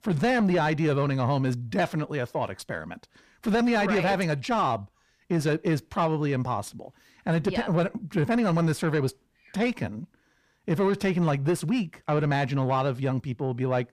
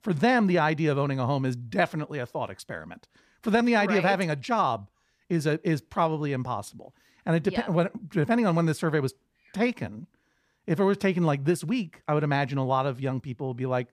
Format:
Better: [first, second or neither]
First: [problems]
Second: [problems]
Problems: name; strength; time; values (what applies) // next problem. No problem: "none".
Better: second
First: distortion; slight; 10 dB below the speech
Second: none